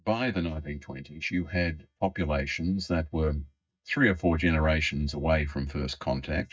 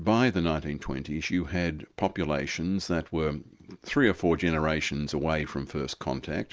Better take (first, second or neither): second